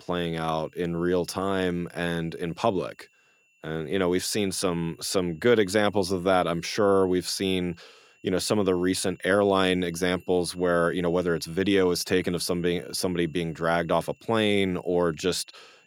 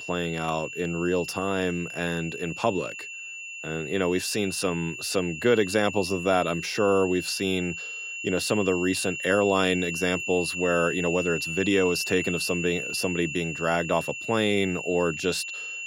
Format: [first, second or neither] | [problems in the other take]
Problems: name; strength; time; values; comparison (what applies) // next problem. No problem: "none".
first | high-pitched whine; loud; throughout; 2.5 kHz, 6 dB below the speech; faint in the first